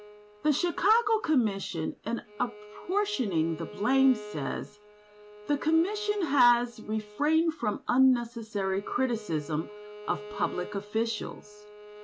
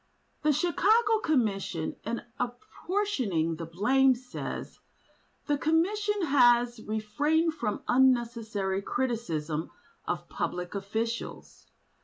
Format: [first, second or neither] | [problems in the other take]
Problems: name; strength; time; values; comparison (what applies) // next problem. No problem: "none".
second | background sound (Bowed string instrument); 17 dB below the speech